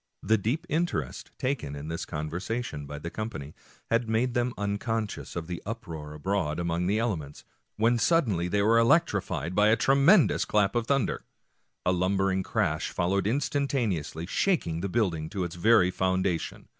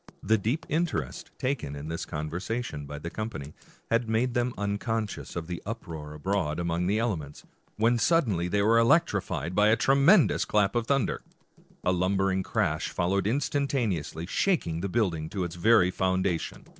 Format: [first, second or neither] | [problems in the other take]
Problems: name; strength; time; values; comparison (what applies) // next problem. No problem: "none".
first | noise reduction (neural separator model SepFormer DNS4)